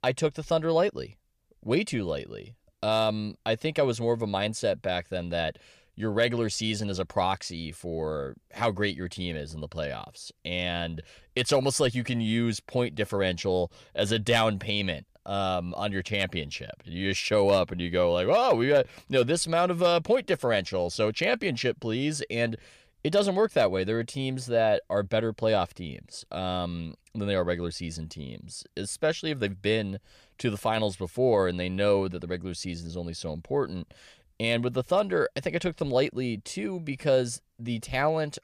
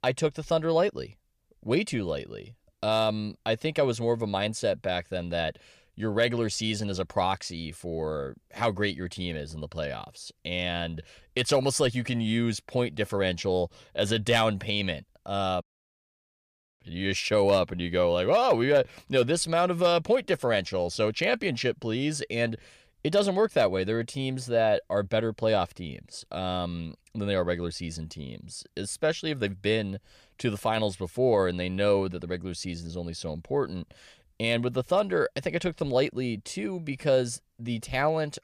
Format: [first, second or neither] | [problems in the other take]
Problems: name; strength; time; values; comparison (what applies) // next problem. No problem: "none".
first | audio cutting out; at 16 s for 1 s